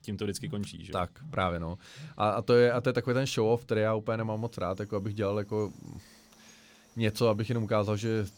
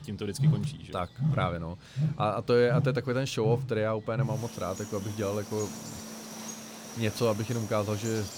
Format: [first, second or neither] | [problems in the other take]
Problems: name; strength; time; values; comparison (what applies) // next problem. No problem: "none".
first | animal sounds; loud; throughout; 4 dB below the speech; faint in the first